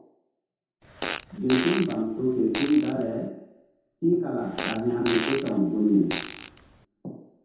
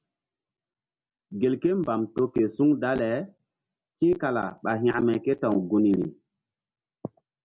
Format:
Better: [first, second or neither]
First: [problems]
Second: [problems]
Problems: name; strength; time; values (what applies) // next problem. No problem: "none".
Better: second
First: background sound (Fart); 9 dB below the speech // room echo; dies away in 0.8 s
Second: none